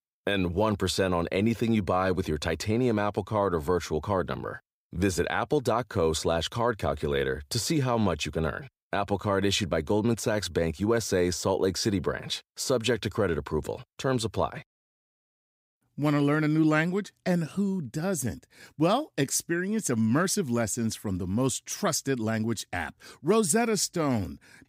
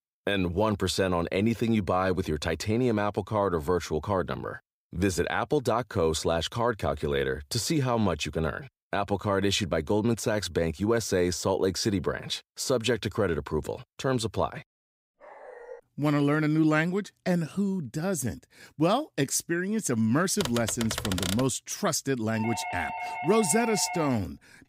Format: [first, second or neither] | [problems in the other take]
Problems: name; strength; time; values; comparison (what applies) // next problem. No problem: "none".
first | dog barking; faint; at 15 s; peak 15 dB below the speech // keyboard typing; noticeable; from 20 to 21 s; peak 3 dB below the speech // doorbell; noticeable; from 22 to 24 s; peak 6 dB below the speech